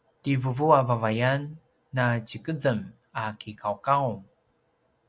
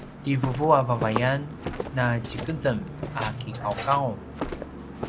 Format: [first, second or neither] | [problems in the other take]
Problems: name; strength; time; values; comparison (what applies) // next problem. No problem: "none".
first | background sound (Walk, footsteps); 7 dB below the speech